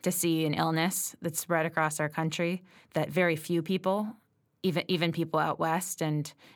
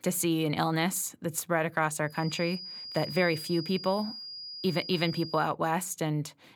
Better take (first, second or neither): first